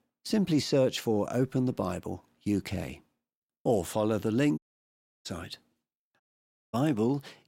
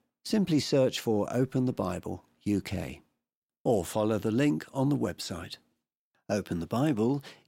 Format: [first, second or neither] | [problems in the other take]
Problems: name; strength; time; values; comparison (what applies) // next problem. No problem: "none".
second | audio cutting out; at 4.5 s for 0.5 s and at 6 s for 0.5 s